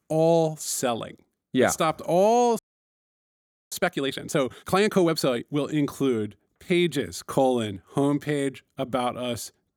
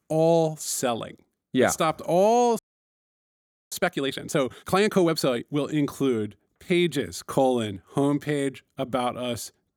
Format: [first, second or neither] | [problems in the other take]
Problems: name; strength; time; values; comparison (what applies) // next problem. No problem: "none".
neither | audio freezing; at 2.5 s for 1 s; the same in both